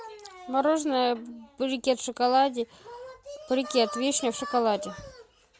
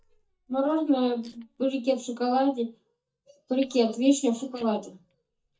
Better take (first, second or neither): first